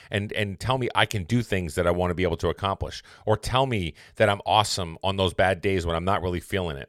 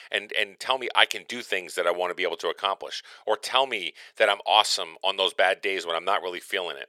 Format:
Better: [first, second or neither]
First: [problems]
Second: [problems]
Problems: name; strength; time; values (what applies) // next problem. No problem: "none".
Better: first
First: none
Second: thin; very; fading below 400 Hz